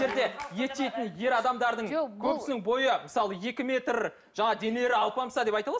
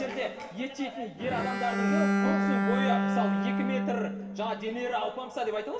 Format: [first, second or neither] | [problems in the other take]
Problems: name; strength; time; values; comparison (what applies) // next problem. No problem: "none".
first | background sound (Bowed string instrument); 2 dB above the speech // room echo; dies away in 2 s